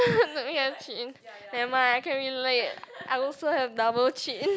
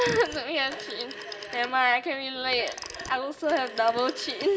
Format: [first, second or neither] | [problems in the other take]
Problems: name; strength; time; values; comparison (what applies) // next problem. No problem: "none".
first | background sound (Telephone); 14 dB below the speech // room echo; dies away in 0.6 s